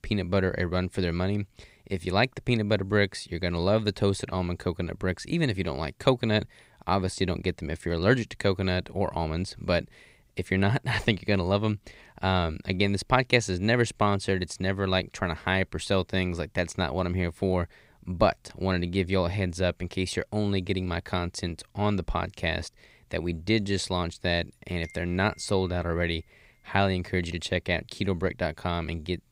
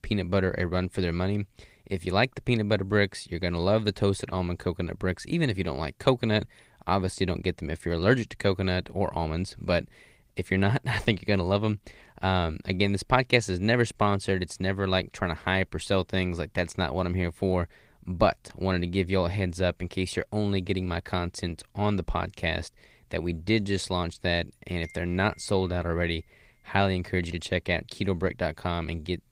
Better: first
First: none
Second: garbled, watery; slightly; nothing above 15.5 kHz

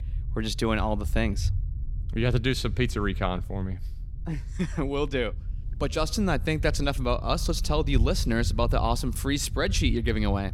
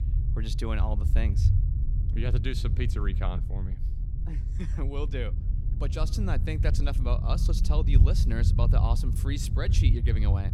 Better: first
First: low rumble; faint; throughout; 20 dB below the speech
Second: low rumble; loud; throughout; 6 dB below the speech

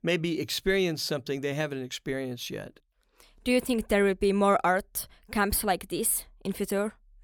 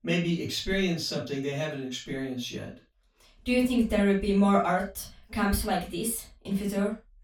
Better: first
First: none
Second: room echo; noticeable; dies away in 0.2 s // off-mic speech; far

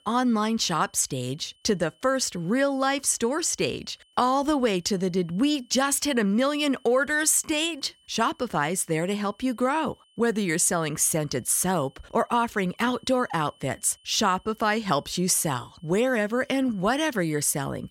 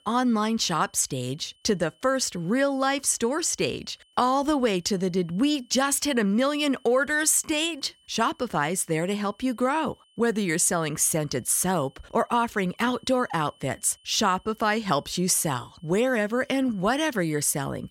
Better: neither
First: high-pitched whine; faint; throughout; 3 kHz, 35 dB below the speech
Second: high-pitched whine; faint; throughout; 3 kHz, 35 dB below the speech

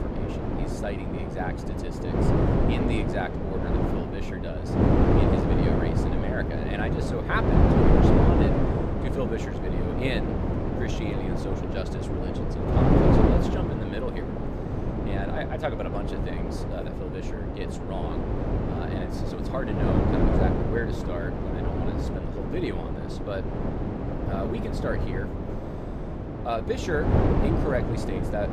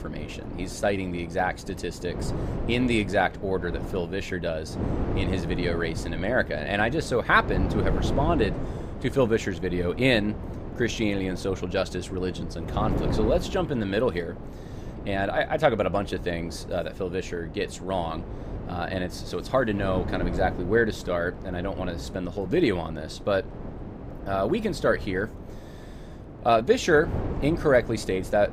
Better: second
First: wind noise on the microphone; heavy; 4 dB above the speech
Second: wind noise on the microphone; occasional gusts; 15 dB below the speech

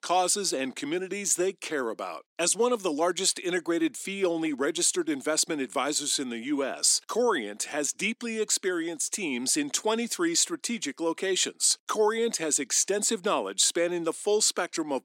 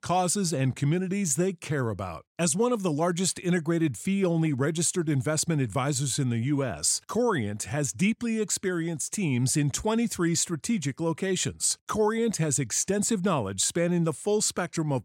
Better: second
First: thin; somewhat; fading below 250 Hz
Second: none

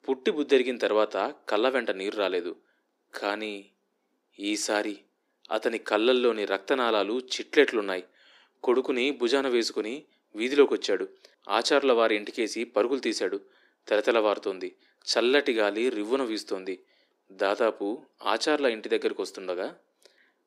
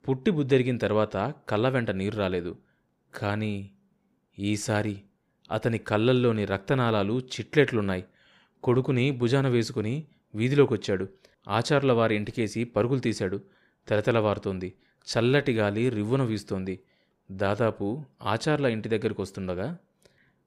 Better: second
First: thin; somewhat; fading below 300 Hz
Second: none

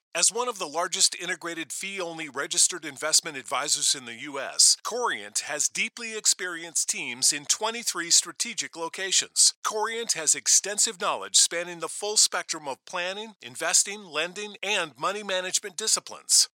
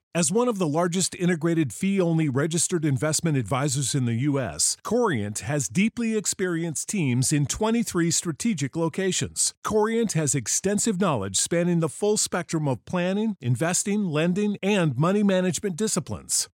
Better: second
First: thin; very; fading below 750 Hz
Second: none

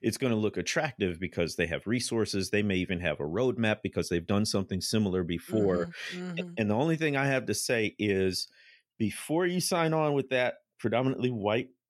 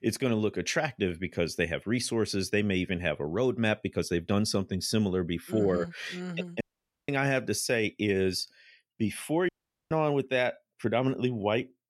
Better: first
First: none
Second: audio cutting out; at 6.5 s and at 9.5 s

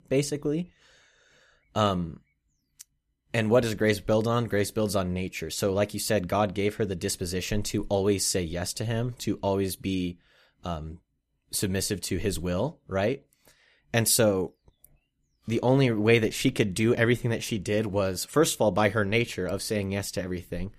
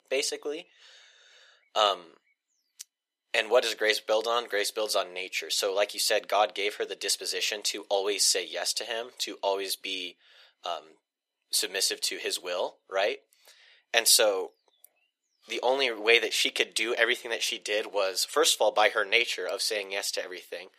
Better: first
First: none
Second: thin; very; fading below 450 Hz

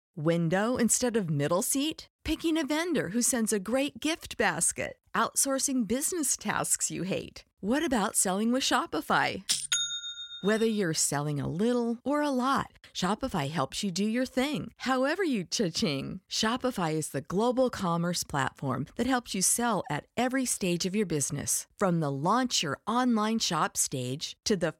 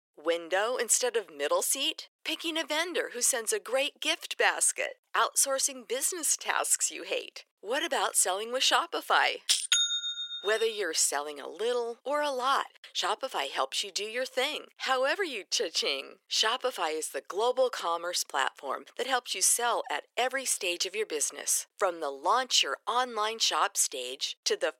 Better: first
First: none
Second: thin; very; fading below 400 Hz

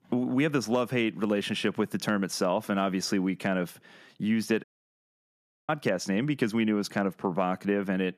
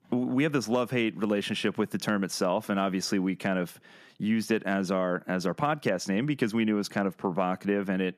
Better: second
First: audio cutting out; at 4.5 s for 1 s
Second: none

